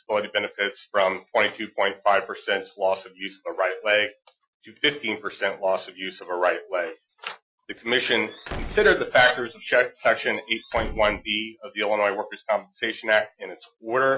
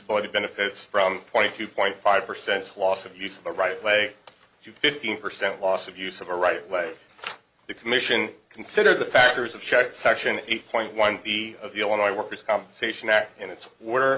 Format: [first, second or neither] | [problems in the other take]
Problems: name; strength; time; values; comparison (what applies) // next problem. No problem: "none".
second | noise reduction (classical method Wiener filter)